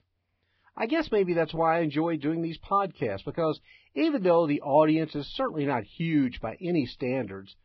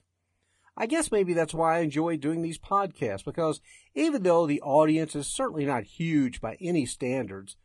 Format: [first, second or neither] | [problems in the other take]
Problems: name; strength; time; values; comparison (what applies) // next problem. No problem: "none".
second | garbled, watery; badly; slightly in the second